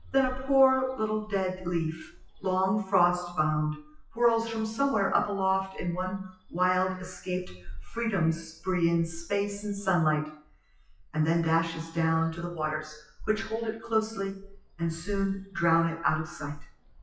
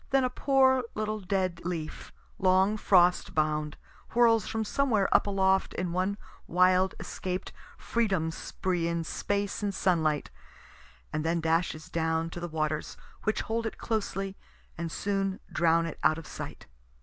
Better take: second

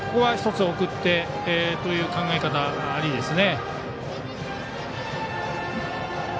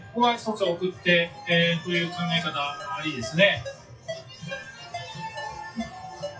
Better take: first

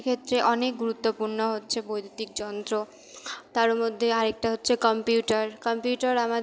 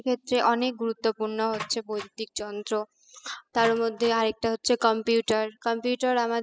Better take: first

